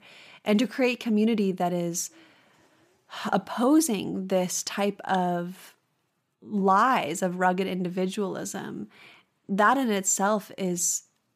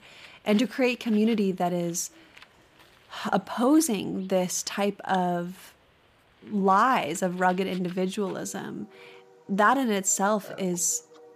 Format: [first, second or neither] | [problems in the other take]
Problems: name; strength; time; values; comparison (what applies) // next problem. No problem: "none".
first | animal sounds; faint; throughout; 25 dB below the speech